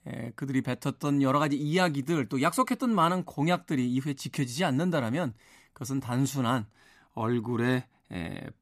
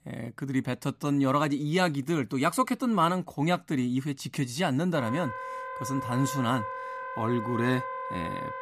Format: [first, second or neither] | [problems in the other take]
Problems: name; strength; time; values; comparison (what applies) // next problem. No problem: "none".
first | background music; loud; throughout; 7 dB below the speech